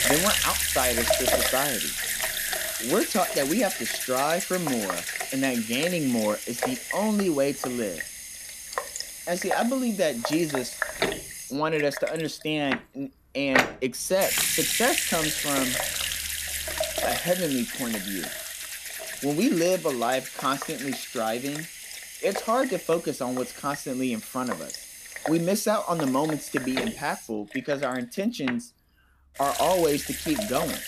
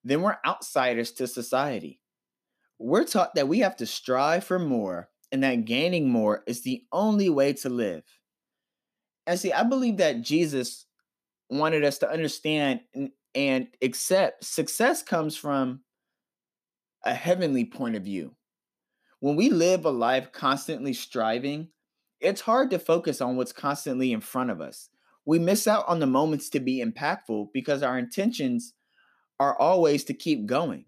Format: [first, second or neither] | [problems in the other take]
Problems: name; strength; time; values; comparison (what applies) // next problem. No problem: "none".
second | household noises; loud; throughout; 1 dB below the speech